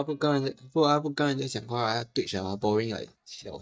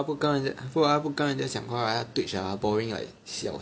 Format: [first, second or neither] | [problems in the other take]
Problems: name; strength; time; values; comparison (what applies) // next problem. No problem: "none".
second | noise reduction (neural mask model DeepFilterNet 3)